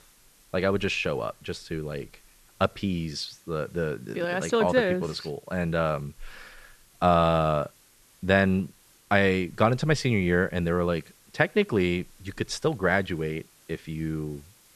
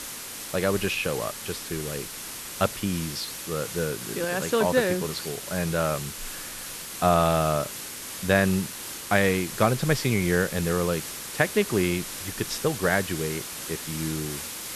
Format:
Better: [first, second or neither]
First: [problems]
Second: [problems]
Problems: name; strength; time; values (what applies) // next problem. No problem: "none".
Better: first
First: hiss; faint; throughout; 30 dB below the speech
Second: hiss; loud; throughout; 8 dB below the speech